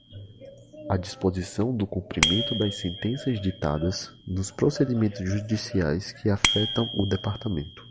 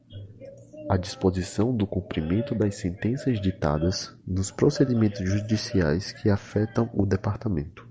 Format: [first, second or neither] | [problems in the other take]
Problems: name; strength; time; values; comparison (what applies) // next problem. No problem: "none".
second | background sound (Bicycle bell); 7 dB below the speech